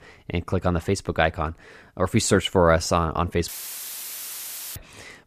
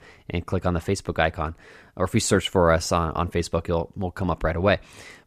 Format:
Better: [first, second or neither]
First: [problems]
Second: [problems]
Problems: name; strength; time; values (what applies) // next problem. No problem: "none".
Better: second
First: audio cutting out; filled with static; at 3.5 s for 1.5 s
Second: none